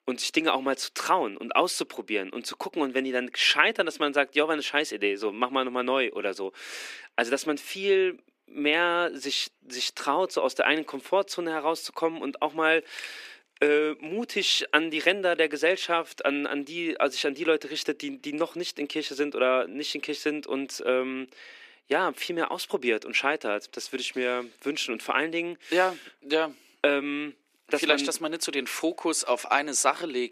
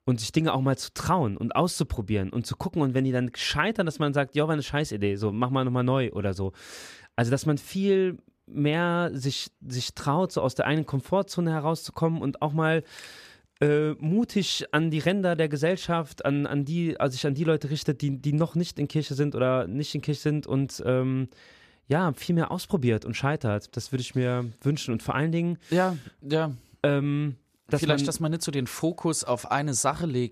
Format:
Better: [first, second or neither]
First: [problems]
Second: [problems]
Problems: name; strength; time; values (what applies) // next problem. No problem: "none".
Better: second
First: thin; somewhat; fading below 300 Hz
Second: none